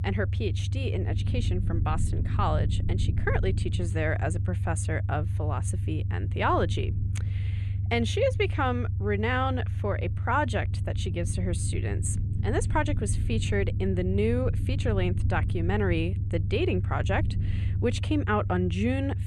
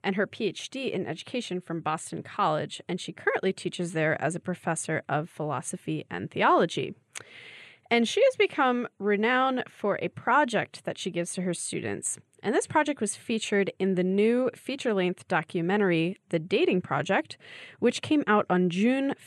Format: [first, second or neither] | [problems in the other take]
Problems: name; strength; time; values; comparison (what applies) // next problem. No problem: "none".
second | low rumble; noticeable; throughout; 15 dB below the speech